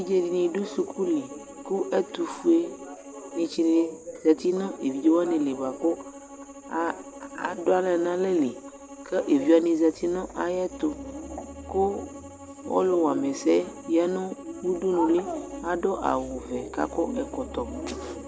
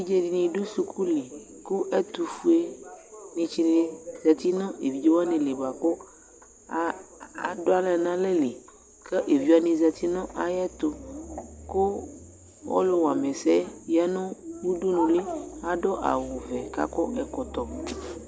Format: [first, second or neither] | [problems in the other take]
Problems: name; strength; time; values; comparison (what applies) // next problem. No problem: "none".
second | background sound (Bowed string instrument); 17 dB below the speech